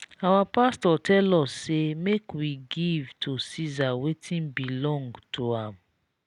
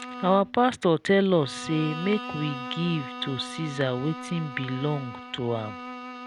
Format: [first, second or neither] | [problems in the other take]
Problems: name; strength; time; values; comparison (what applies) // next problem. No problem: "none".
first | background sound (Bowed string instrument); 12 dB below the speech